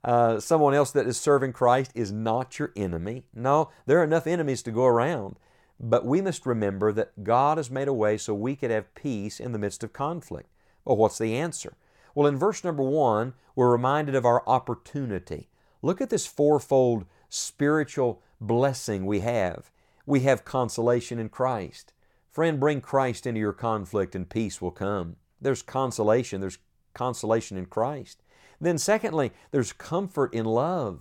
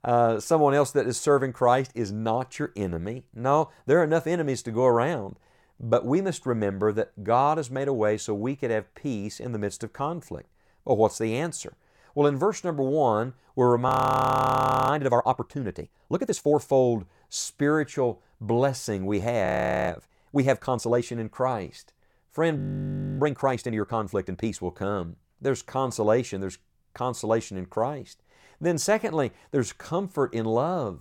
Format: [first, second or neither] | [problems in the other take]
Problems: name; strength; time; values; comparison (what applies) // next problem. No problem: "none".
first | audio freezing; at 14 s for 1 s, at 19 s and at 23 s for 0.5 s